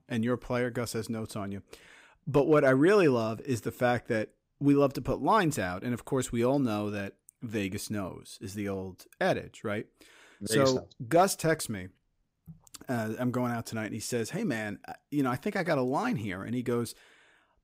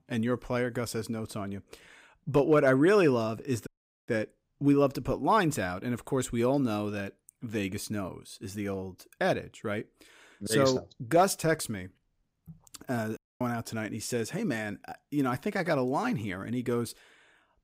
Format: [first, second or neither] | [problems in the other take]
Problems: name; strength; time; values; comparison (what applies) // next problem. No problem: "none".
first | audio cutting out; at 3.5 s and at 13 s